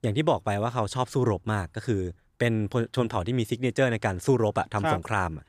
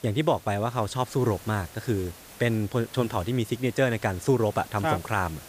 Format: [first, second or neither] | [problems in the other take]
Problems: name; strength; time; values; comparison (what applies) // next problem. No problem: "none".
first | hiss; noticeable; throughout; 20 dB below the speech